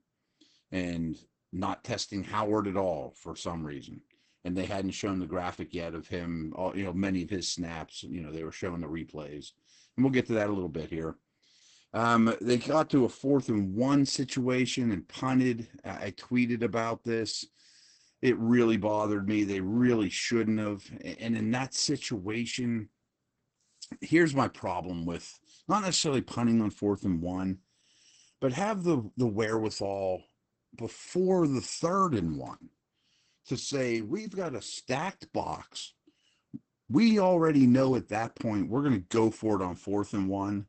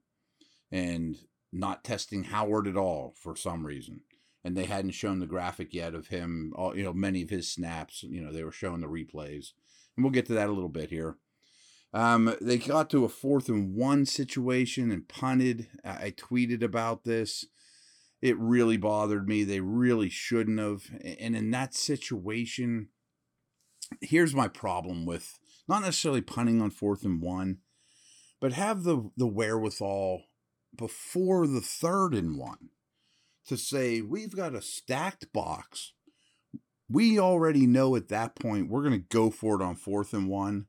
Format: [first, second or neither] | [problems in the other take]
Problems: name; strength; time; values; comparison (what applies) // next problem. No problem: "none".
second | garbled, watery; badly; nothing above 8 kHz